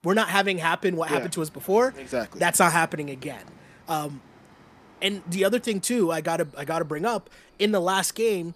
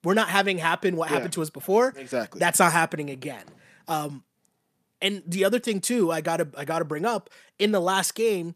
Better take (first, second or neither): second